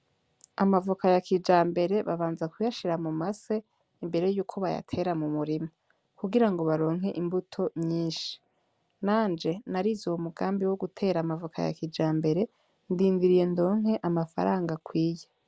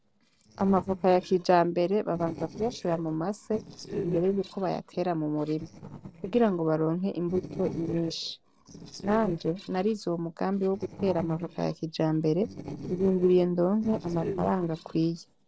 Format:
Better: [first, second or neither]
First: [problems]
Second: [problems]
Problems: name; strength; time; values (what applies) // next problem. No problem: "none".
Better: first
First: none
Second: noise reduction (neural separator model SepFormer DNS4)